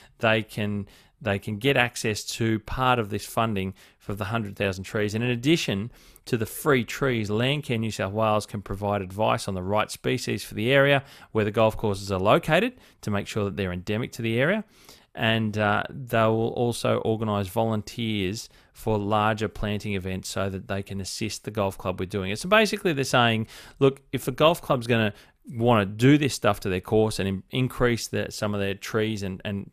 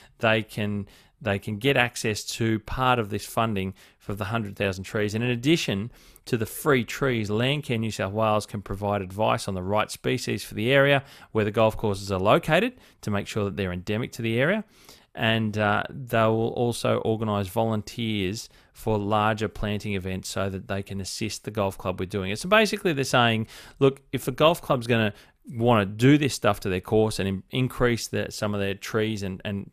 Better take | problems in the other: neither | none

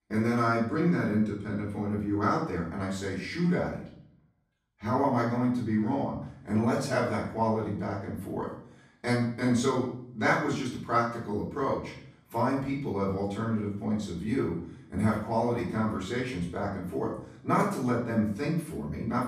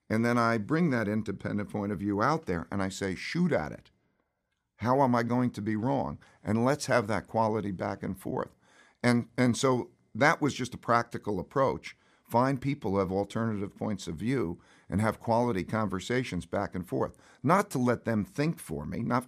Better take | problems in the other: second | off-mic speech; far // room echo; noticeable; dies away in 0.5 s

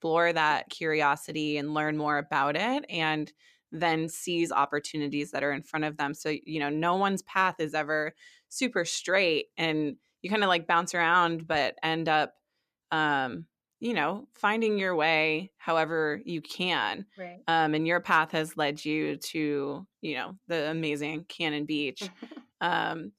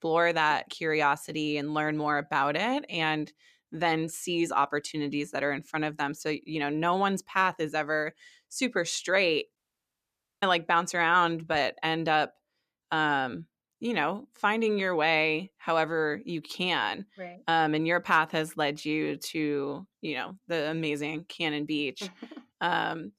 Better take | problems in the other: first | audio cutting out; at 9.5 s for 1 s

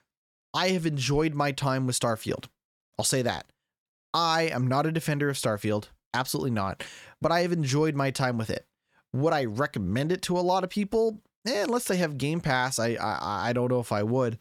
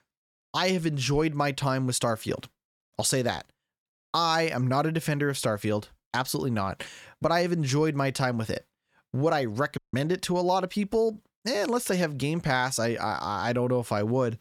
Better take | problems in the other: first | audio cutting out; at 10 s

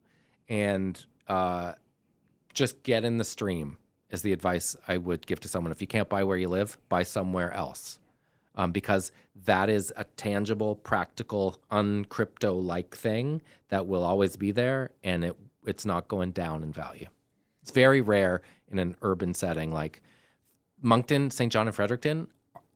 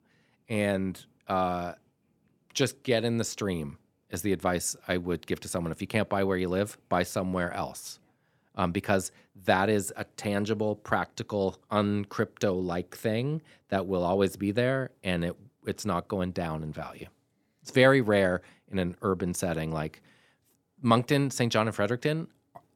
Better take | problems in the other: second | garbled, watery; slightly

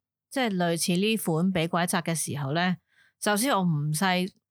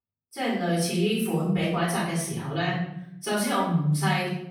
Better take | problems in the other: first | off-mic speech; far // room echo; noticeable; dies away in 0.7 s

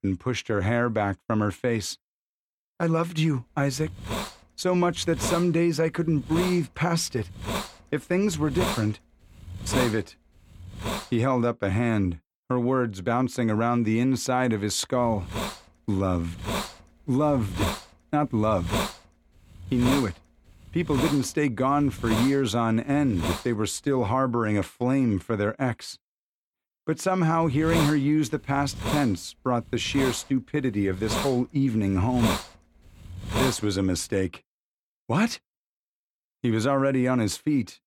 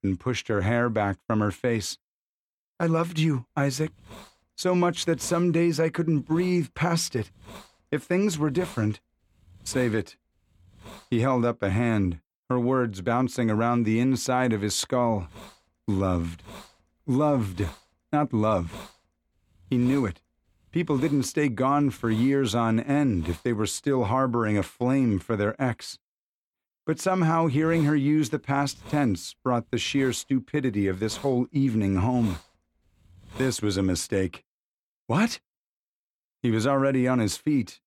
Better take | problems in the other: second | hiss; loud; from 3 to 11 s, from 15 to 24 s and from 27 to 34 s; 6 dB below the speech; faint in the second

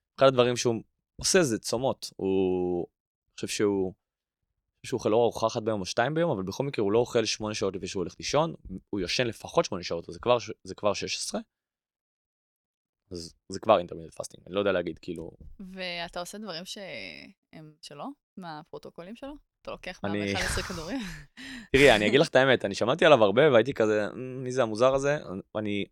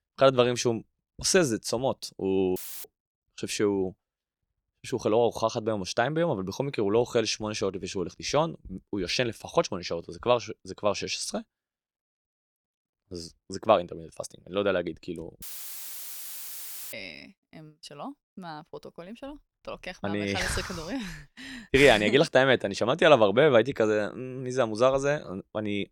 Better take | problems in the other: first | audio cutting out; filled with static; at 2.5 s and at 15 s for 1.5 s

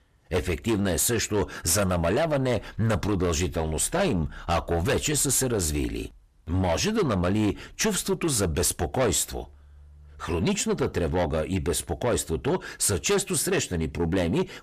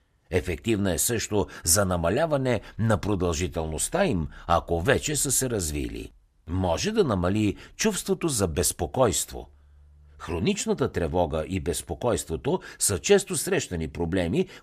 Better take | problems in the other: second | distortion; heavy; 8 dB below the speech

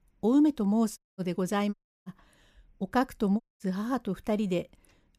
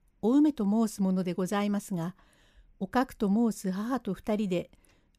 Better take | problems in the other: second | audio cutting out; at 1 s, at 1.5 s and at 3.5 s

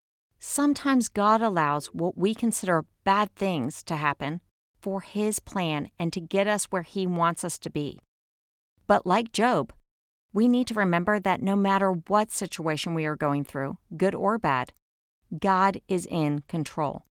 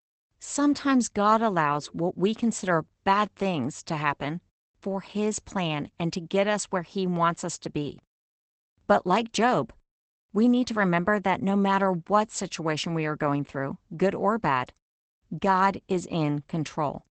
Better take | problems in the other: first | garbled, watery; badly; nothing above 8 kHz; slightly in the first

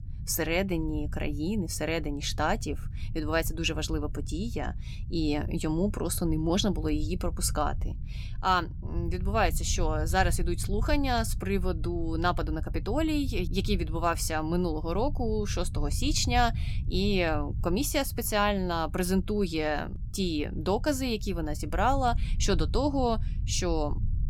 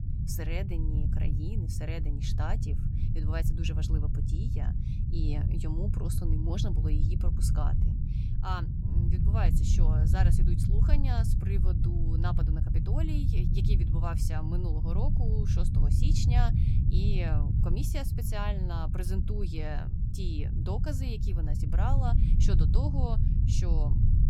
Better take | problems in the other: first | low rumble; loud; throughout; 2 dB below the speech; faint in the first

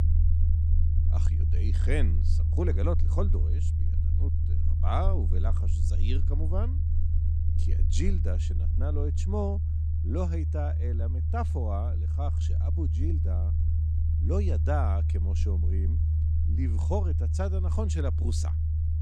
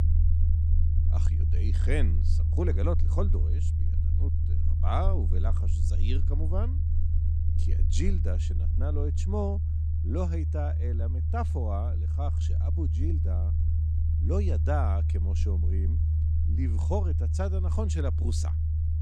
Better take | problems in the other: neither | low rumble; loud; throughout; 6 dB below the speech; the same in both

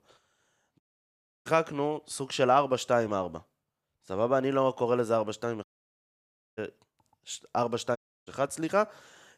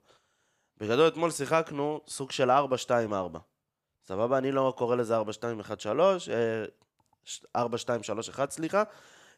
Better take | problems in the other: second | audio cutting out; at 1 s for 0.5 s, at 5.5 s for 1 s and at 8 s

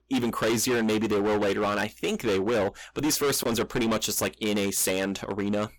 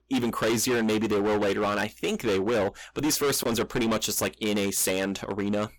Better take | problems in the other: neither | distortion; heavy; 21% of the sound clipped; the same in both

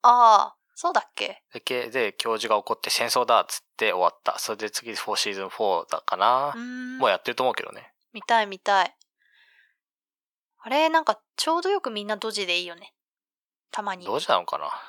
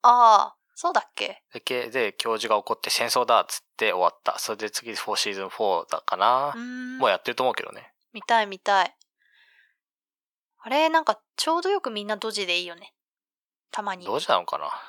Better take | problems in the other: neither | thin; very; fading below 700 Hz; the same in both

